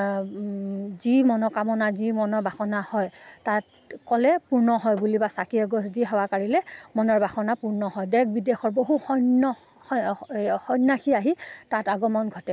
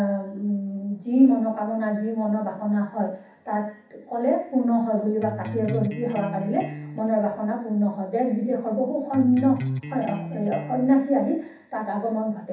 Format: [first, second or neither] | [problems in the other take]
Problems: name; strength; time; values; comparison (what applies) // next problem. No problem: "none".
first | background sound (Electric guitar); 8 dB below the speech // room echo; dies away in 0.7 s